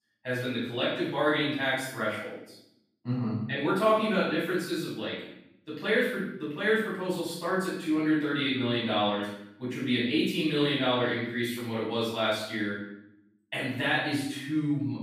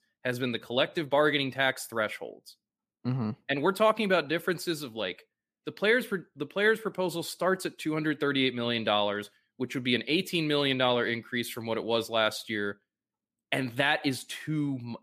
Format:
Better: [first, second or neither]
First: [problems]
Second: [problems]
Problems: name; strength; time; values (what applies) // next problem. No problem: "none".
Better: second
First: off-mic speech; far // room echo; noticeable; dies away in 0.7 s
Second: none